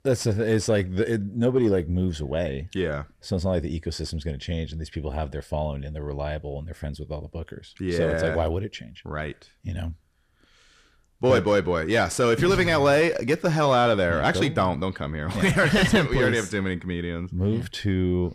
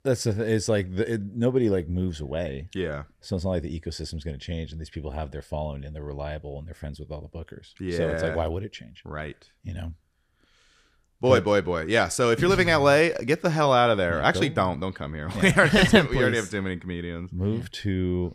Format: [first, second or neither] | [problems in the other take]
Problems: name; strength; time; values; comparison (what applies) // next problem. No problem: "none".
second | distortion; slight; 10 dB below the speech